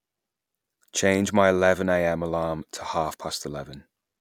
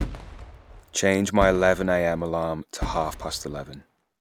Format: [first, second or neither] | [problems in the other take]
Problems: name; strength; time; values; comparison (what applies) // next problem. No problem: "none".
first | background sound (Fireworks); 11 dB below the speech